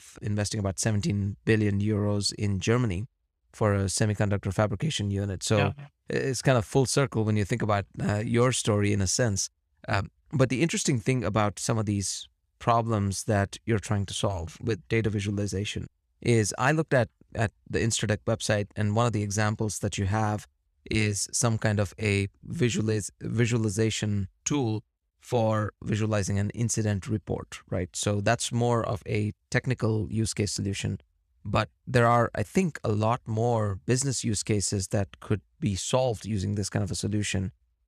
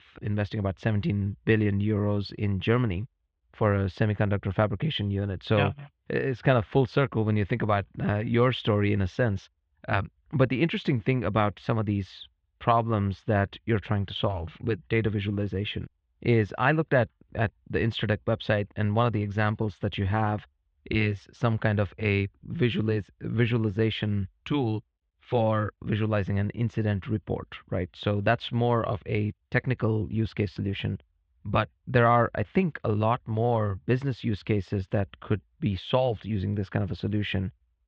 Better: first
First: none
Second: muffled; very; fading above 3.5 kHz

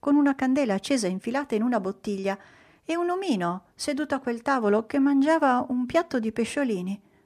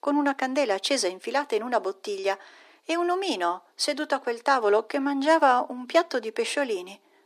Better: first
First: none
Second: thin; somewhat; fading below 350 Hz

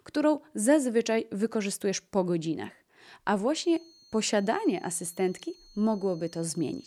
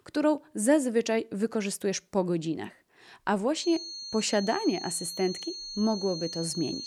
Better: first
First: high-pitched whine; faint; from 3.5 s on; 4.5 kHz, 25 dB below the speech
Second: high-pitched whine; loud; from 3.5 s on; 4.5 kHz, 8 dB below the speech

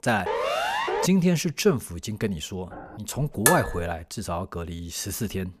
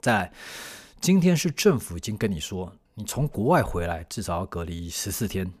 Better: second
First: siren; loud; at 0.5 s; peak 1 dB above the speech // door banging; faint; at 2.5 s; peak 15 dB below the speech // clattering dishes; loud; at 3.5 s; peak 5 dB above the speech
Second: none

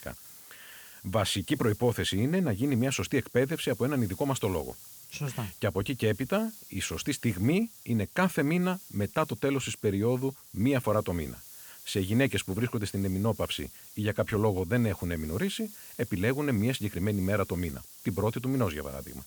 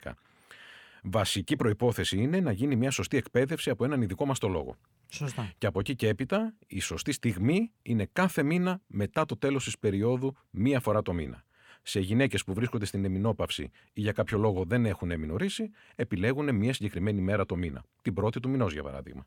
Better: second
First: hiss; noticeable; throughout; 15 dB below the speech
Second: none

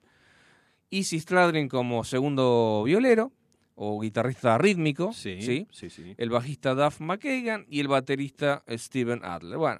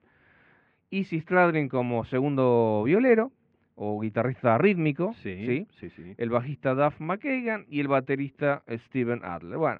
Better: first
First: none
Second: muffled; very; fading above 2.5 kHz

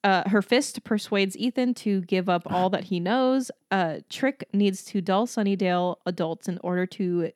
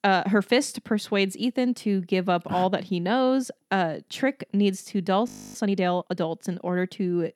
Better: first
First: none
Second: audio freezing; at 5.5 s

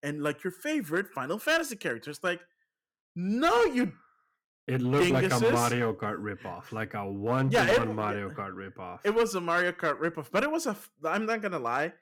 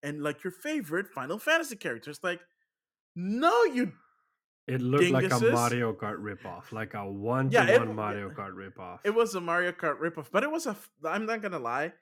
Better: second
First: distortion; slight; 4% of the sound clipped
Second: none

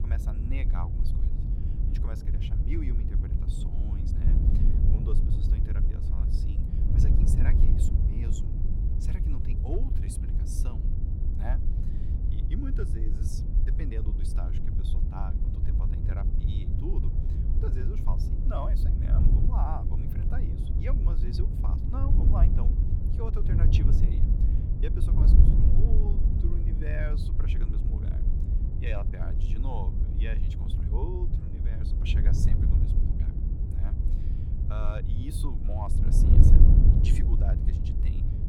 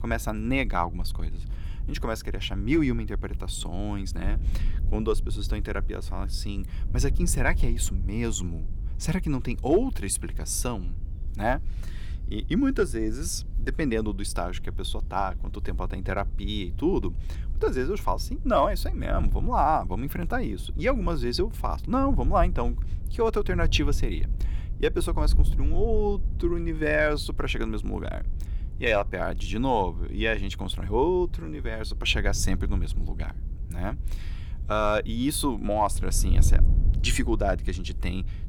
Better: second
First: wind noise on the microphone; heavy; as loud as the speech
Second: wind noise on the microphone; occasional gusts; 20 dB below the speech

